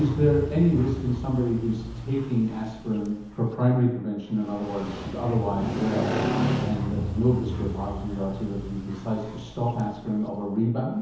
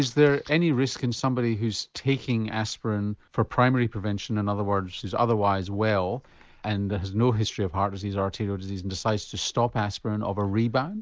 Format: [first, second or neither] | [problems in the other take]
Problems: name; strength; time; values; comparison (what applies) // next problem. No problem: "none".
second | background sound (Motorcycle); 6 dB below the speech // room echo; dies away in 1 s